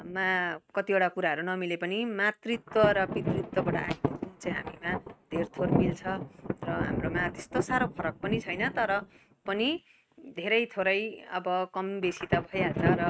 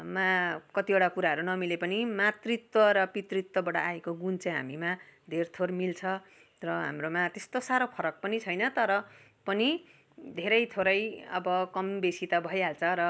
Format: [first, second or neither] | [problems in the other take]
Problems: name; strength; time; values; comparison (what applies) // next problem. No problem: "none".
second | noise reduction (neural mask model RNNoise)